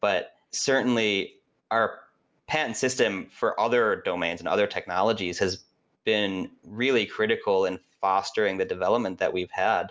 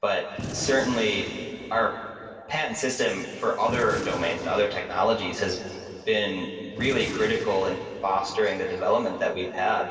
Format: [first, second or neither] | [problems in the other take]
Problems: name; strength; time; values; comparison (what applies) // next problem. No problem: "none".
first | background sound (Gunshot, gunfire); 13 dB below the speech // room echo; dies away in 2.6 s